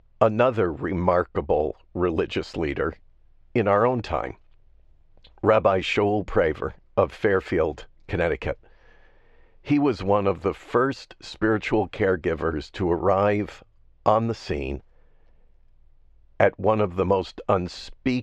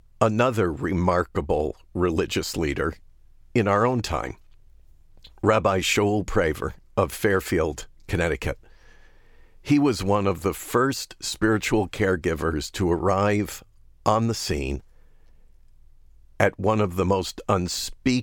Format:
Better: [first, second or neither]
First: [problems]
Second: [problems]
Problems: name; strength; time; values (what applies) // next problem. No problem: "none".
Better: second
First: muffled; slightly; fading above 3 kHz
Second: none